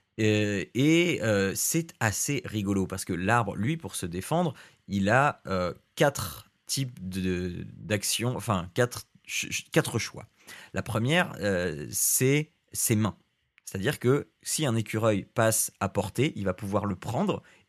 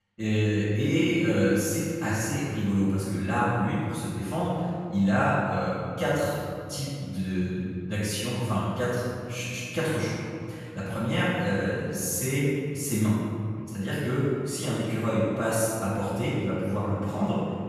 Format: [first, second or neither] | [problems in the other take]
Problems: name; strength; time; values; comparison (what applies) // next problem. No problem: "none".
first | off-mic speech; far // room echo; strong; dies away in 2.3 s